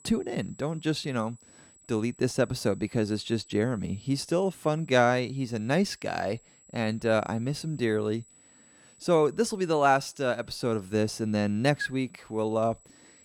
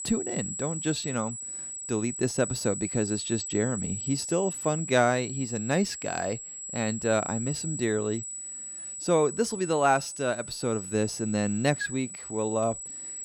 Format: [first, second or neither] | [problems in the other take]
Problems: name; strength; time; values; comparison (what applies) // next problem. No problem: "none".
first | high-pitched whine; loud; throughout; 8 kHz, 6 dB below the speech; faint in the first